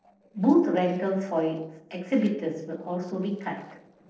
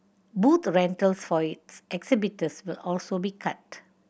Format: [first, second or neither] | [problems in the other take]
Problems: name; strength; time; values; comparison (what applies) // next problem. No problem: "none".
second | noise reduction (neural separator model SepFormer DNS4)